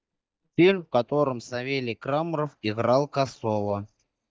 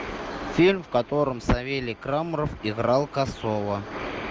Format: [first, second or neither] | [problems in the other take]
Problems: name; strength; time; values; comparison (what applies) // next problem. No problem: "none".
second | noise reduction (neural mask model DeepFilterNet 3)